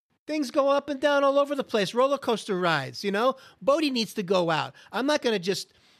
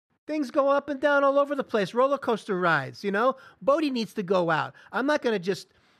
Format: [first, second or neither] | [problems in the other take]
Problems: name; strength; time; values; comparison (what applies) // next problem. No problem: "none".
first | muffled; slightly; fading above 2 kHz